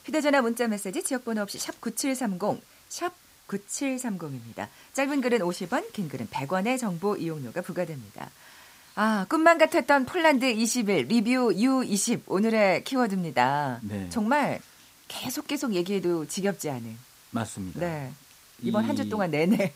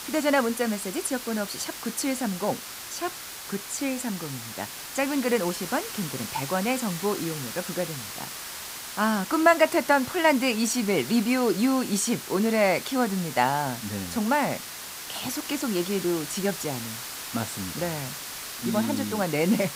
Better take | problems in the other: first | hiss; loud; throughout; 8 dB below the speech; faint in the first

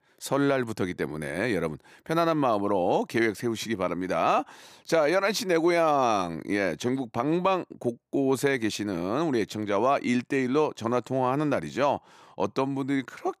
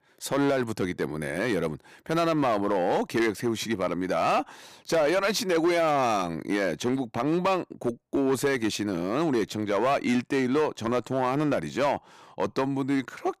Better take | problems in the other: first | distortion; slight; 7% of the sound clipped

